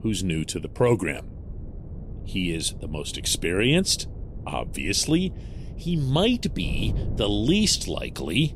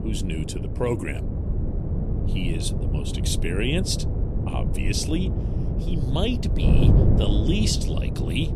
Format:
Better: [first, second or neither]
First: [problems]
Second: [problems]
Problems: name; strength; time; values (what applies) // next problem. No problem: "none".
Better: first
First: wind noise on the microphone; occasional gusts; 20 dB below the speech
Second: wind noise on the microphone; heavy; 4 dB below the speech